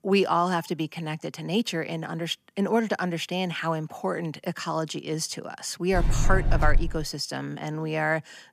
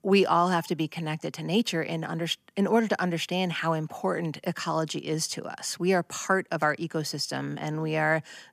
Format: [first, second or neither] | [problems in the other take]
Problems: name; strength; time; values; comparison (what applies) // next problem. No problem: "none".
second | door banging; loud; from 6 to 7 s; peak 1 dB above the speech